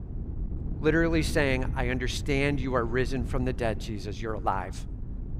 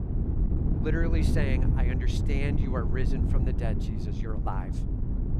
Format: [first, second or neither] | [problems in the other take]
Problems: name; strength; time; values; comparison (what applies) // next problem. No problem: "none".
first | wind noise on the microphone; heavy; 3 dB below the speech; occasional gusts in the first